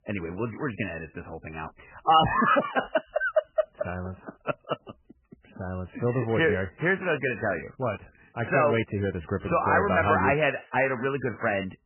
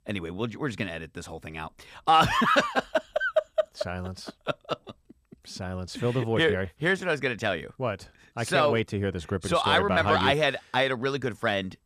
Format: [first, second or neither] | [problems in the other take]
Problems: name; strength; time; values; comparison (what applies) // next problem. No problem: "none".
second | garbled, watery; badly; nothing above 3 kHz